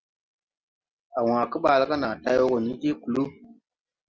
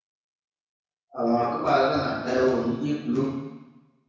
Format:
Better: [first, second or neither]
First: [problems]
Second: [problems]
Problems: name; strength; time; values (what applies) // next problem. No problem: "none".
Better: first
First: none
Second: room echo; dies away in 1 s